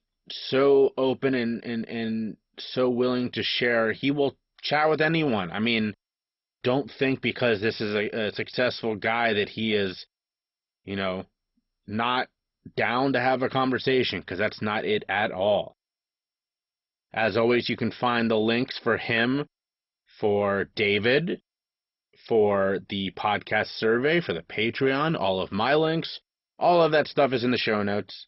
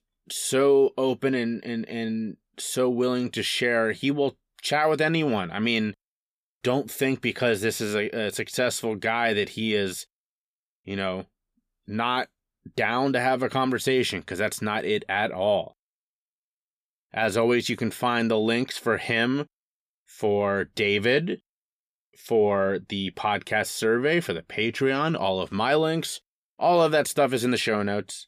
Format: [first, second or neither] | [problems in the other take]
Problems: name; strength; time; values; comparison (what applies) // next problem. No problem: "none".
second | garbled, watery; badly; nothing above 5.5 kHz